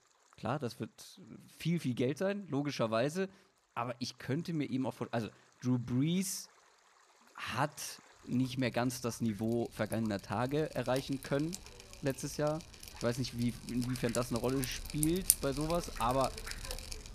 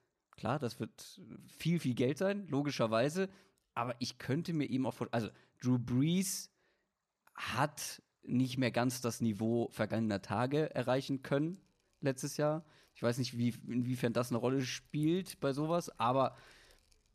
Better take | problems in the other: second | rain or running water; loud; throughout; 4 dB below the speech; faint in the second

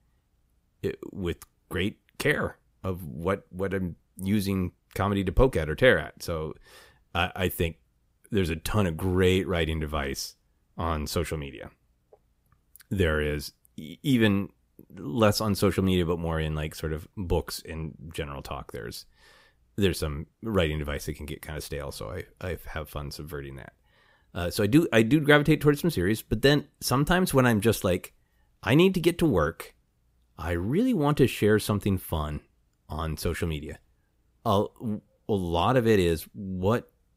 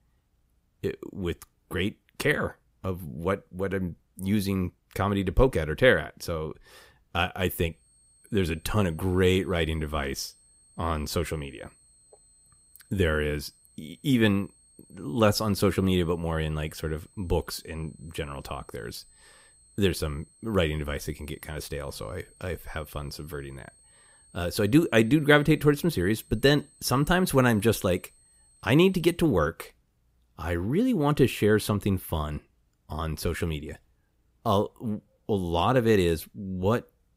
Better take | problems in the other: first | high-pitched whine; faint; from 8 to 29 s; 8.5 kHz, 30 dB below the speech

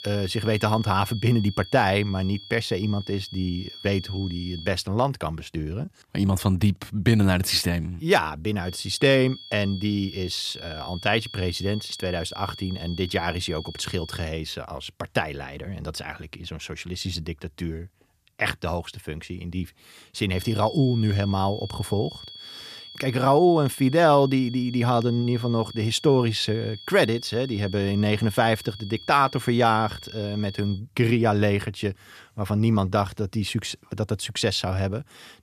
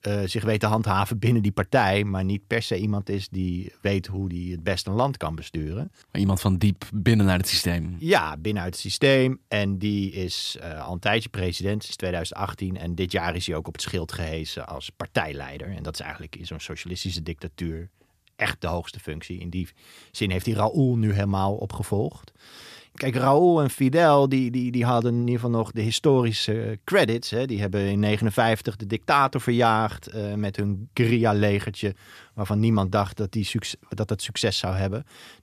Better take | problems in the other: second | high-pitched whine; noticeable; until 4.5 s, from 8.5 to 14 s and from 20 to 31 s; 3.5 kHz, 15 dB below the speech

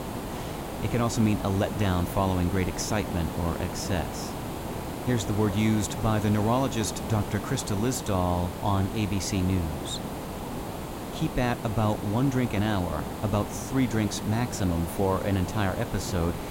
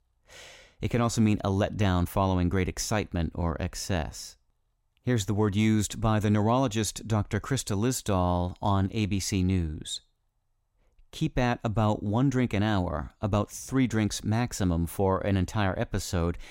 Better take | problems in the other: second | hiss; loud; throughout; 7 dB below the speech

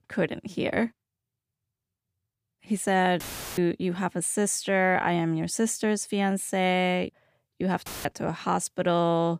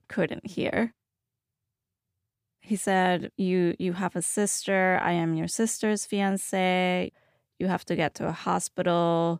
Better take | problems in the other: second | audio cutting out; filled with static; at 3 s and at 8 s

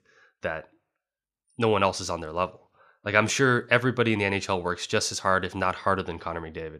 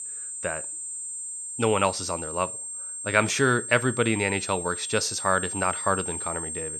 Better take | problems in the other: first | high-pitched whine; loud; throughout; 8.5 kHz, 6 dB below the speech

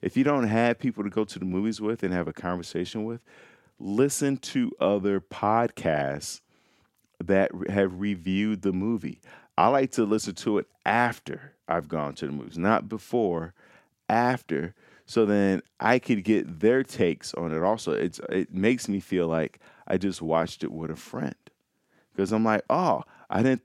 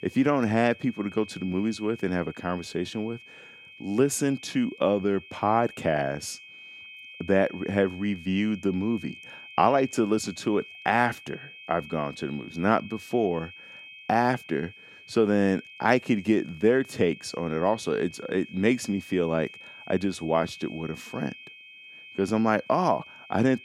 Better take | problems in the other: first | high-pitched whine; noticeable; throughout; 2.5 kHz, 20 dB below the speech

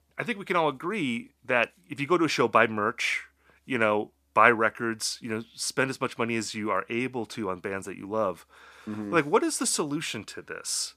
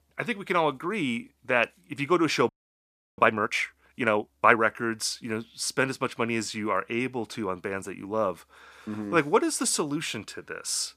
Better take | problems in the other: first | audio freezing; at 2.5 s for 0.5 s

